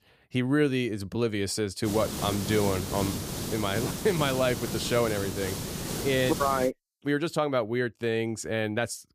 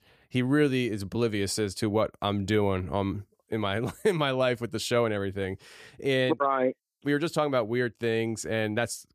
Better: second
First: hiss; loud; from 2 to 6.5 s; 5 dB below the speech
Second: none

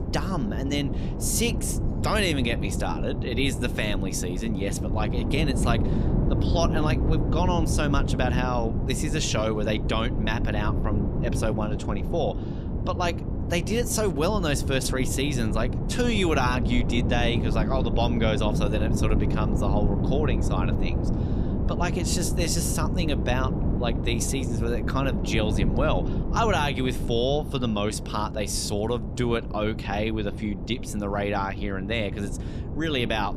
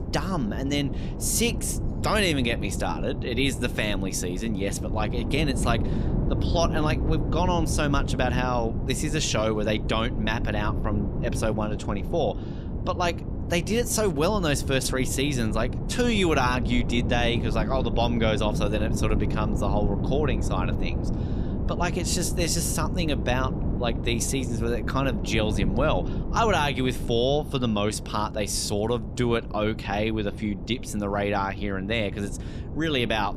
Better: second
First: wind noise on the microphone; heavy; 8 dB below the speech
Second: wind noise on the microphone; occasional gusts; 10 dB below the speech

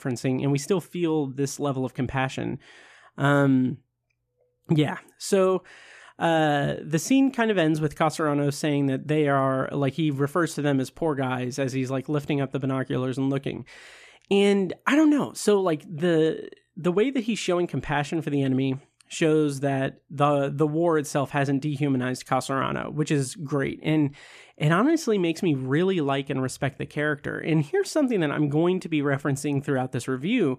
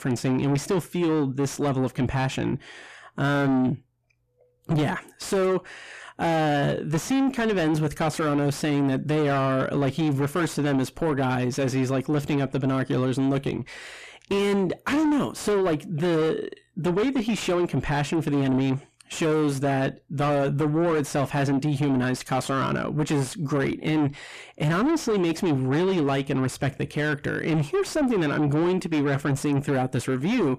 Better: first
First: none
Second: distortion; heavy; 7 dB below the speech

